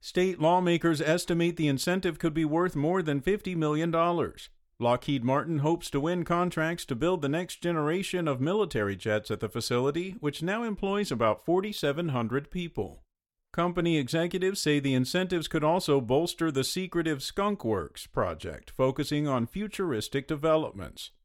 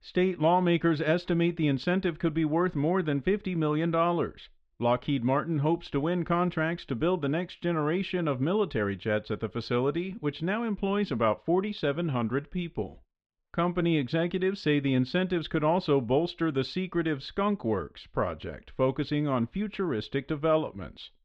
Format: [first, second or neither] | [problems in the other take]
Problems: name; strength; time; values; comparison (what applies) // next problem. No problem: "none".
first | muffled; slightly; fading above 3.5 kHz